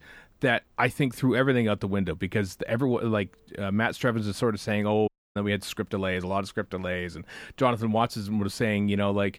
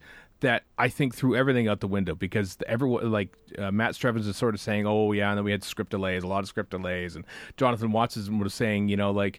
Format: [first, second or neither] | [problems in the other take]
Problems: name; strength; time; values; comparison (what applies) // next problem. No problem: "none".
second | audio cutting out; at 5 s